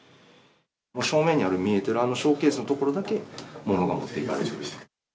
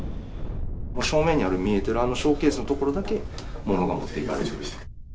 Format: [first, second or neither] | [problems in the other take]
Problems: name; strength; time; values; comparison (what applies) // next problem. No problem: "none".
first | background sound (Thunder); 6 dB below the speech